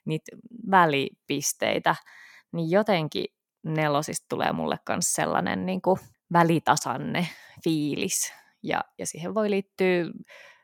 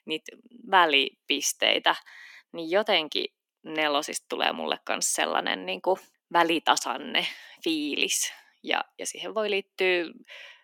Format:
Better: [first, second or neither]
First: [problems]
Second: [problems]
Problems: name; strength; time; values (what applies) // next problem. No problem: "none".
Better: first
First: none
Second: thin; somewhat; fading below 250 Hz